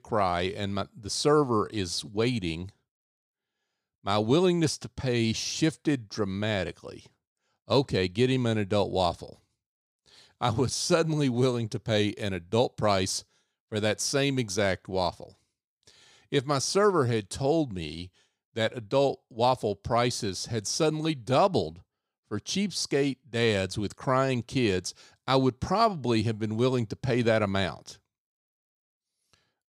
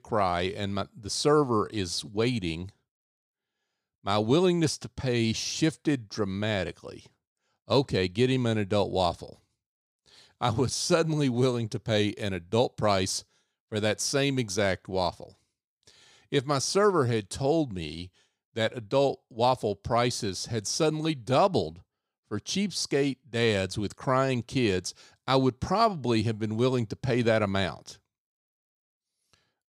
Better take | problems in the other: neither | none

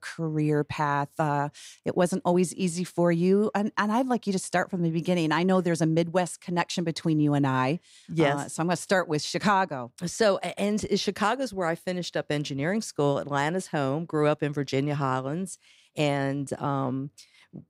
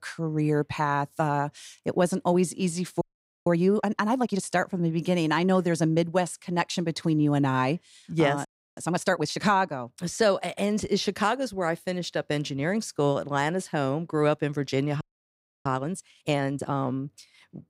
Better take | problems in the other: first | audio freezing; at 3 s, at 8.5 s and at 15 s for 0.5 s

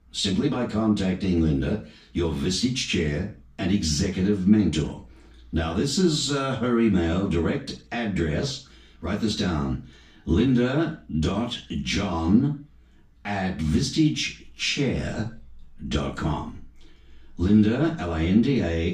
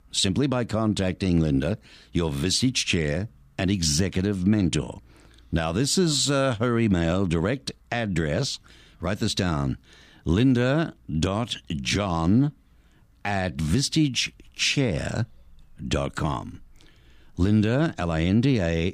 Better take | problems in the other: second | room echo; slight; dies away in 0.3 s // off-mic speech; far

